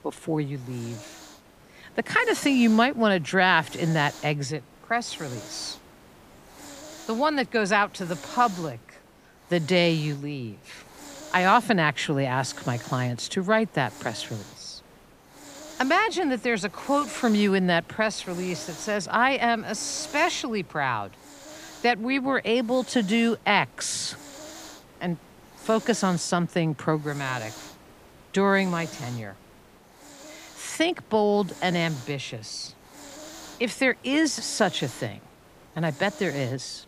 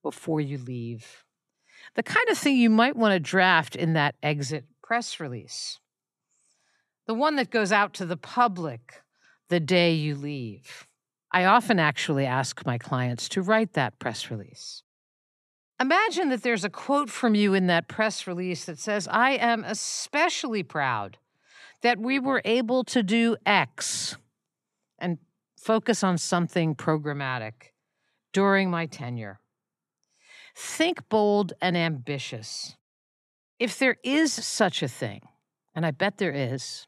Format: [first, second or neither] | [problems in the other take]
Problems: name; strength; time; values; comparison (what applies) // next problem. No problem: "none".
second | hiss; noticeable; throughout; 20 dB below the speech